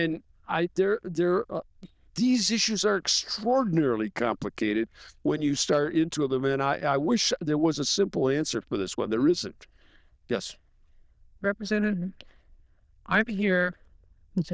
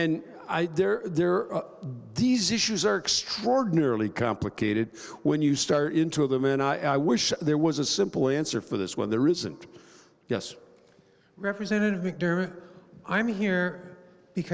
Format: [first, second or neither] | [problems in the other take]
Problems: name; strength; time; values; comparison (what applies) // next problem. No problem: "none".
second | noise reduction (neural diffusion model UNIVERSE++)